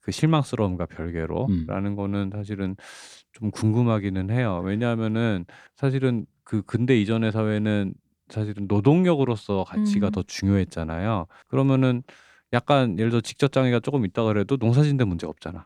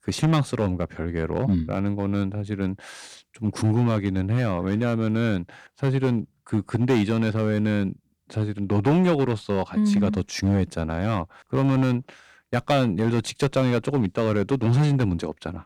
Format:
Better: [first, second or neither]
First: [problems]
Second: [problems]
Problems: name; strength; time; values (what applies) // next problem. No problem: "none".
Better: first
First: none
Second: distortion; slight; 6% of the sound clipped